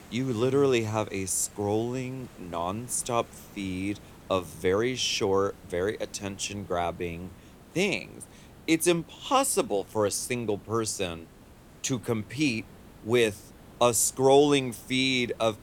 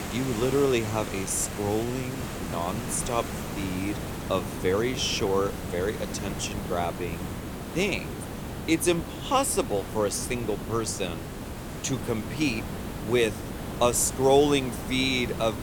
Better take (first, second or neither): first